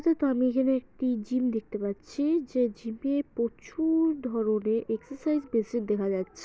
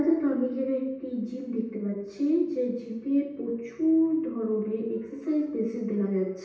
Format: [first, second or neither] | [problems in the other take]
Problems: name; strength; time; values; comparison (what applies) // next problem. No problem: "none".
first | room echo; dies away in 0.9 s